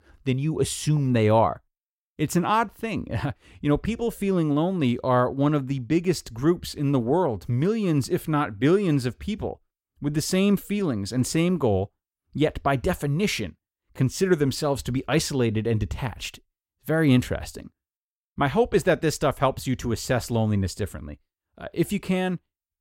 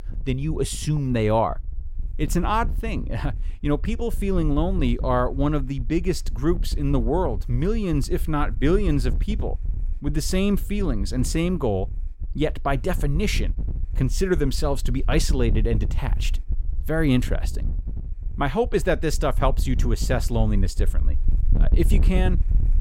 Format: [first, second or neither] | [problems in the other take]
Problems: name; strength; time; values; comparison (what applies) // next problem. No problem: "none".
first | wind noise on the microphone; occasional gusts; 20 dB below the speech